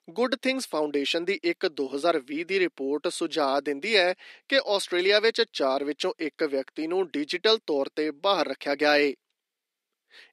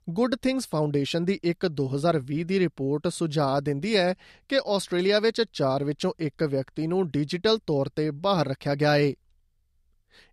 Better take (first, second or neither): second